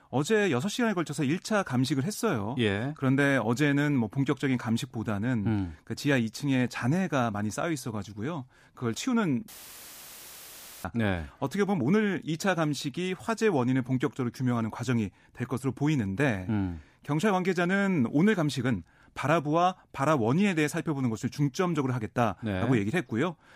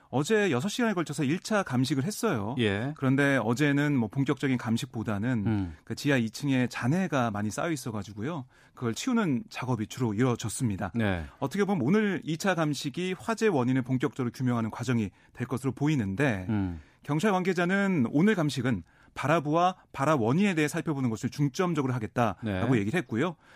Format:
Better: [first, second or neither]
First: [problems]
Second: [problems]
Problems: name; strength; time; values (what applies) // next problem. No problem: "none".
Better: second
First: audio cutting out; filled with static; at 9.5 s for 1.5 s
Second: none